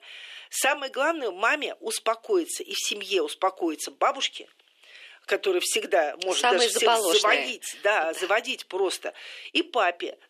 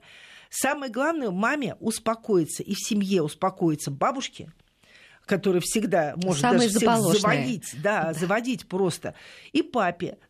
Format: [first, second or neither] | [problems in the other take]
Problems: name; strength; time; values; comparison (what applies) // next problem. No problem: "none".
second | thin; very; fading below 350 Hz